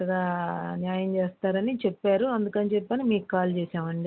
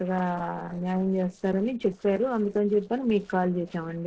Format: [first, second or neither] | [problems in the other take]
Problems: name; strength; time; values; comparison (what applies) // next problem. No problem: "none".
first | noise reduction (neural separator model SepFormer DNS4)